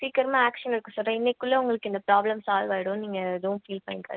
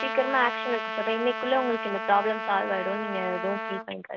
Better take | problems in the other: first | background sound (Trumpet); 5 dB below the speech

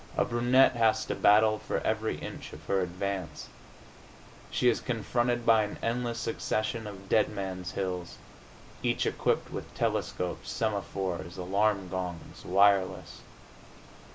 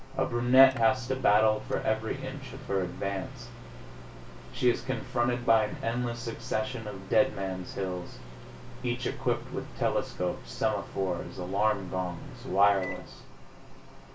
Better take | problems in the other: first | background sound (Microwave oven); 15 dB below the speech // room echo; dies away in 0.2 s

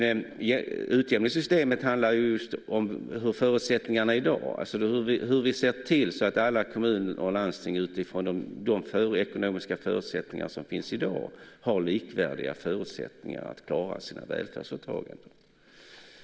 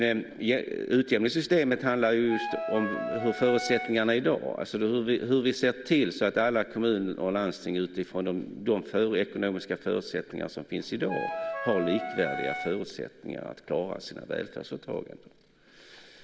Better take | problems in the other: first | background sound (Wind instrument, woodwind instrument); 5 dB below the speech

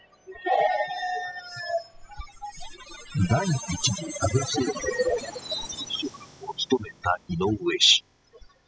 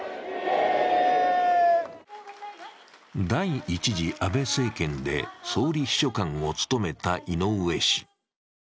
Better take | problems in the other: second | noise reduction (classical method spectral subtraction)

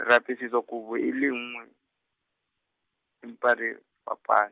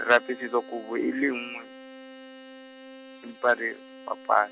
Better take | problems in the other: first | background sound (Bowed string instrument); 17 dB below the speech

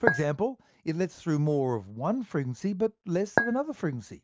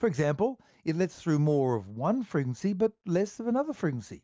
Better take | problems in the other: second | background sound (Chink, clink); as loud as the speech

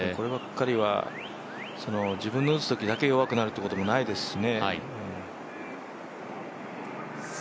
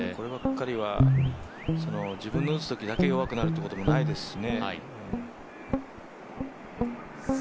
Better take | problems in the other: first | background sound (Guitar); 4 dB above the speech

